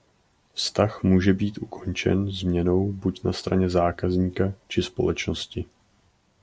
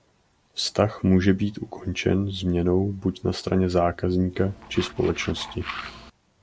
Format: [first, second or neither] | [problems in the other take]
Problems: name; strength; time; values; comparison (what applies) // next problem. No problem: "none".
first | background sound (Tools); 14 dB below the speech